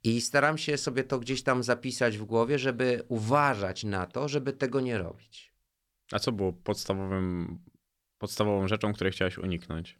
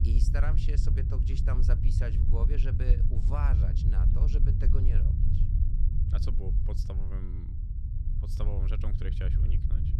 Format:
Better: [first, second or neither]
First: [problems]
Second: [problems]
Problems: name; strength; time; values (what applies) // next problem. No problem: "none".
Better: first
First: none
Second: low rumble; loud; throughout; 2 dB below the speech